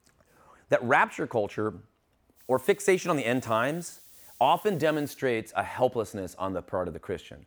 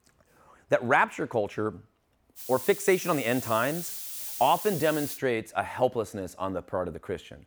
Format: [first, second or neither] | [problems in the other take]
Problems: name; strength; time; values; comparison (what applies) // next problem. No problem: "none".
first | hiss; loud; from 2.5 to 5 s; 8 dB below the speech; faint in the first